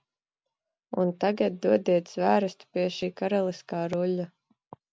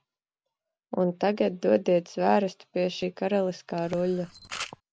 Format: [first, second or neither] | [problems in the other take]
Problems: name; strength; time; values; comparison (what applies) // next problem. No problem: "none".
first | background sound (Camera); 14 dB below the speech